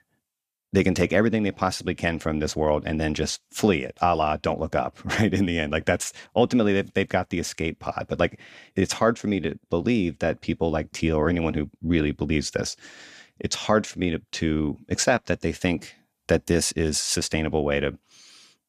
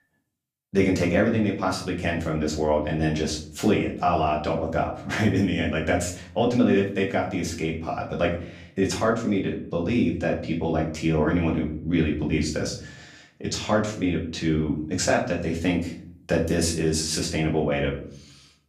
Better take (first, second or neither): first